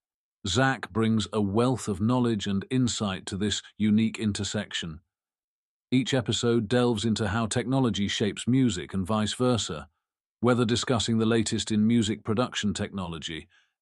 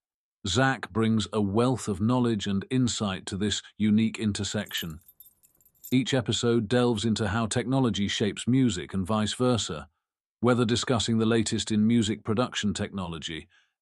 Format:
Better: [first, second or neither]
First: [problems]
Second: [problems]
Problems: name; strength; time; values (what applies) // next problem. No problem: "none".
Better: first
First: none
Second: jangling keys; faint; from 4.5 to 6 s; peak 20 dB below the speech